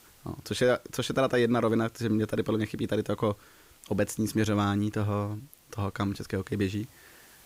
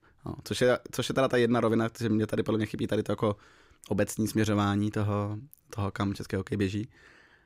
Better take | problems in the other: second | hiss; faint; throughout; 30 dB below the speech

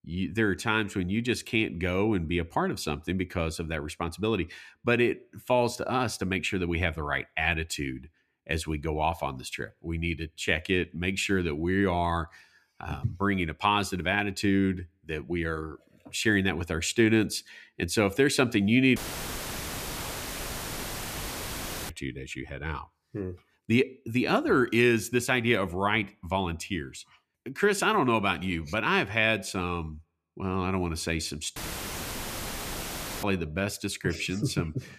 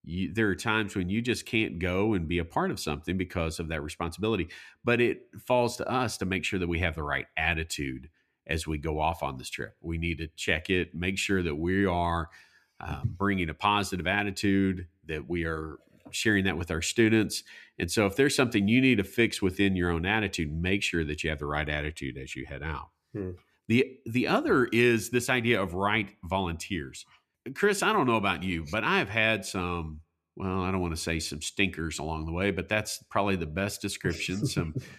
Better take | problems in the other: second | audio cutting out; filled with static; at 19 s for 3 s and at 32 s for 1.5 s

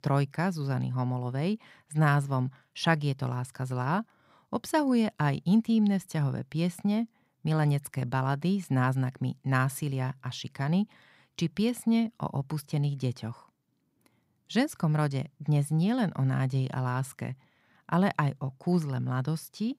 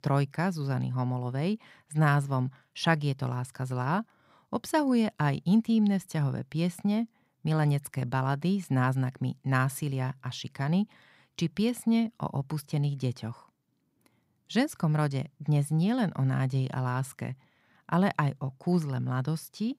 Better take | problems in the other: neither | none

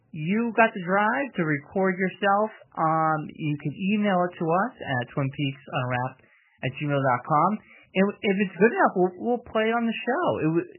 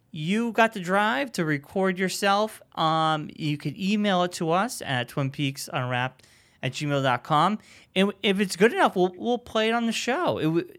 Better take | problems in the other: second | garbled, watery; badly; nothing above 3 kHz

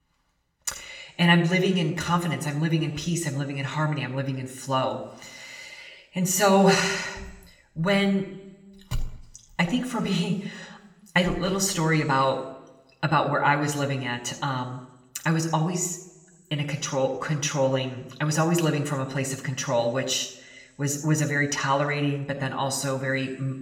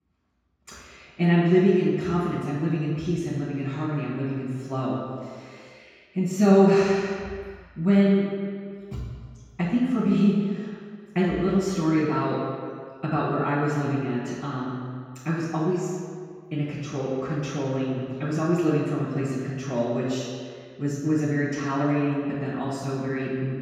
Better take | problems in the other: first | room echo; strong; dies away in 2 s; slight in the first // off-mic speech; far

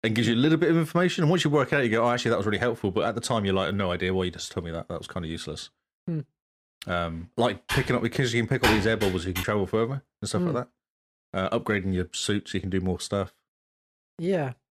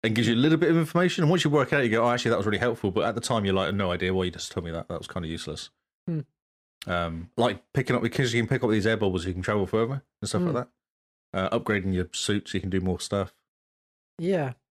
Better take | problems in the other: second | keyboard typing; loud; from 7.5 to 9.5 s; peak 2 dB above the speech

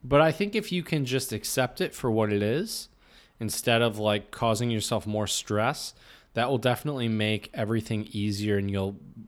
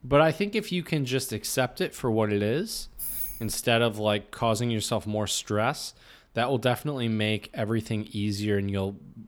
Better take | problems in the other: first | jangling keys; noticeable; at 3 s; peak 2 dB below the speech

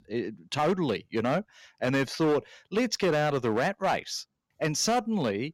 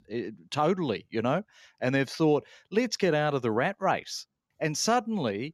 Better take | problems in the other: second | distortion; slight; 7% of the sound clipped

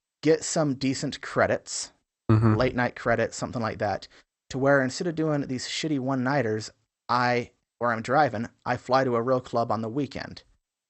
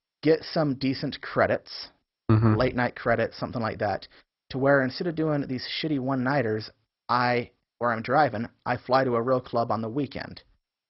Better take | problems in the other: first | garbled, watery; badly; nothing above 5.5 kHz; slightly in the first

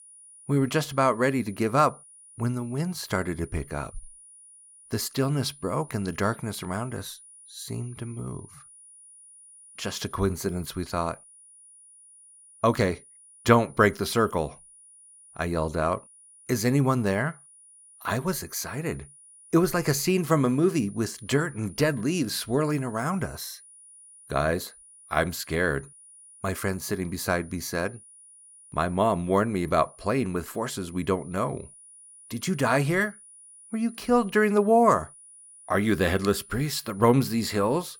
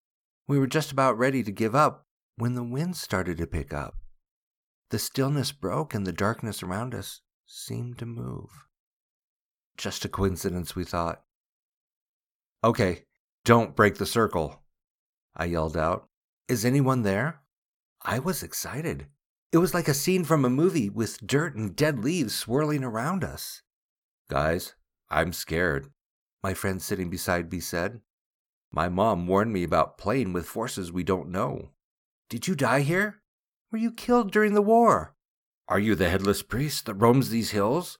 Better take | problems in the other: second | high-pitched whine; faint; throughout; 9.5 kHz, 20 dB below the speech

